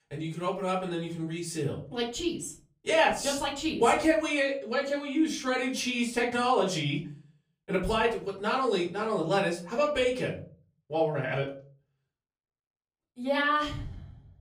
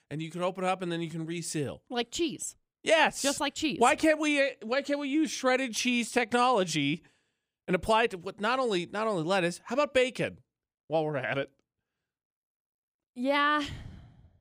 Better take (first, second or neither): second